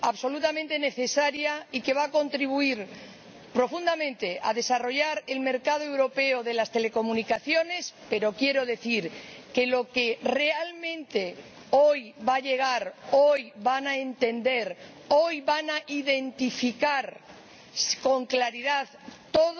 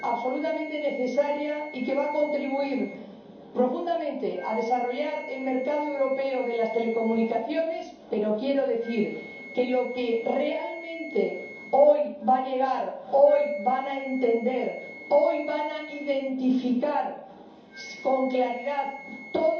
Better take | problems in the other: first | background sound (Wind instrument, woodwind instrument); 18 dB below the speech // room echo; dies away in 2.8 s

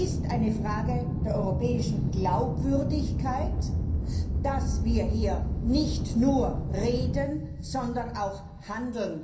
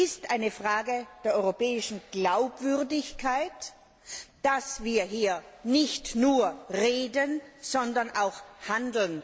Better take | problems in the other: second | background sound (Aircraft); 1 dB above the speech // room echo; dies away in 0.6 s

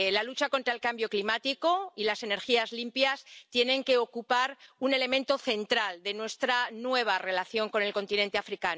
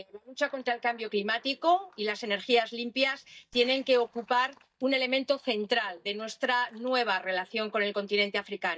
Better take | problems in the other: first | noise reduction (neural mask model DeepFilterNet 3)

